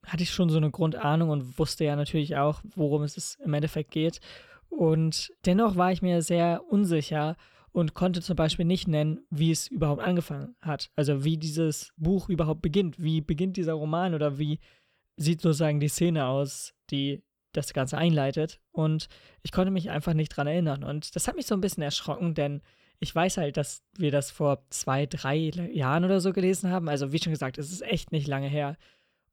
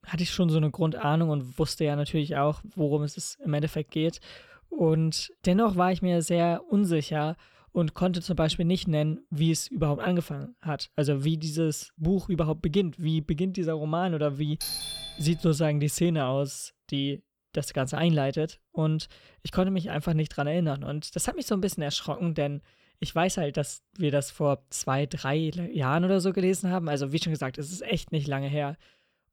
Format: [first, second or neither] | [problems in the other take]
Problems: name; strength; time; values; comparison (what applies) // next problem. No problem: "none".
first | doorbell; noticeable; at 15 s; peak 3 dB below the speech